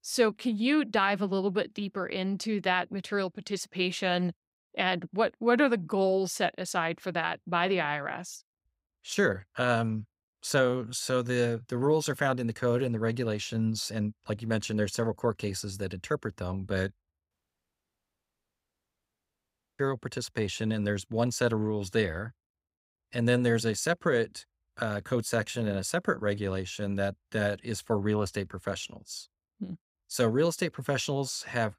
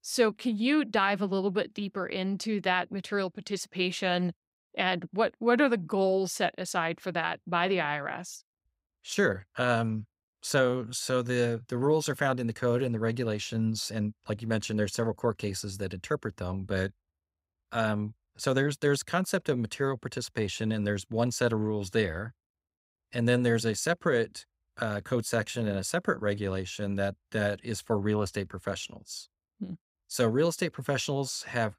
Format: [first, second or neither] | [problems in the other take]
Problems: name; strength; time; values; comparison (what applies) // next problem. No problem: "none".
second | audio cutting out; at 17 s for 2.5 s